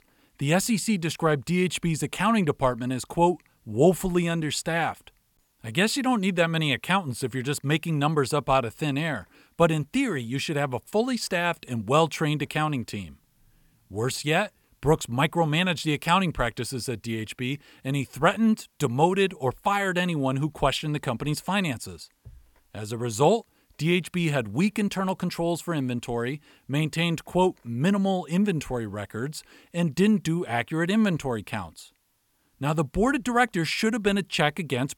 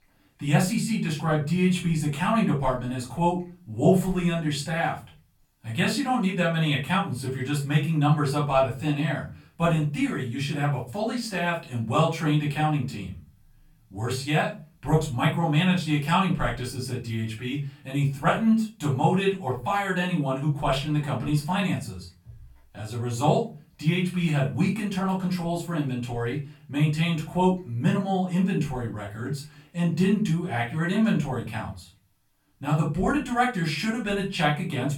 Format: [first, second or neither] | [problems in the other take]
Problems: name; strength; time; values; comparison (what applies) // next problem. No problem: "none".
first | off-mic speech; far // room echo; slight; dies away in 0.4 s